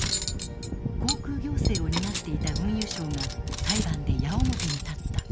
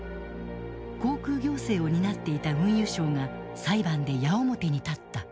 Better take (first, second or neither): second